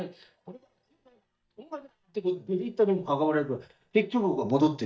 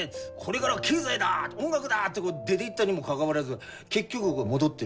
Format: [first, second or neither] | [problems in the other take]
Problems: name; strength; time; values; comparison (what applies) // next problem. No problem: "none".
second | noise reduction (neural mask model DeepFilterNet 3)